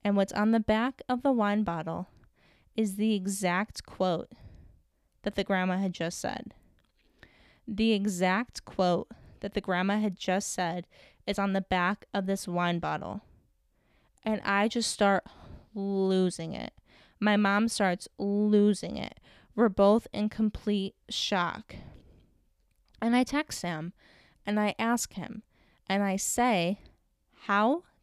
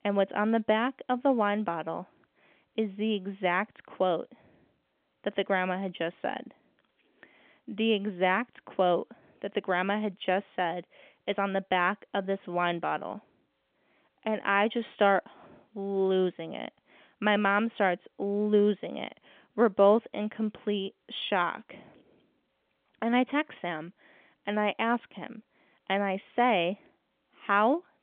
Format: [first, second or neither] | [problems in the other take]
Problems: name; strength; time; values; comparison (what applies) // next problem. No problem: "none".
first | phone-call audio; nothing above 3.5 kHz